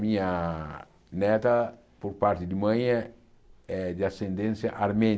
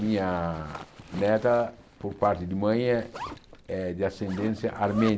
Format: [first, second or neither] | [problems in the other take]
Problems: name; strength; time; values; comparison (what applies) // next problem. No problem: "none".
first | background sound (Zipper (clothing)); 16 dB below the speech